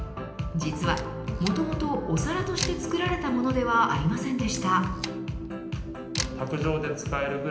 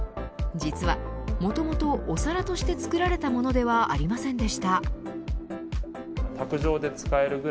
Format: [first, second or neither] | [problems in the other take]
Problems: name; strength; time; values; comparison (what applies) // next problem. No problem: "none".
second | background sound (Camera); 15 dB below the speech // room echo; dies away in 0.8 s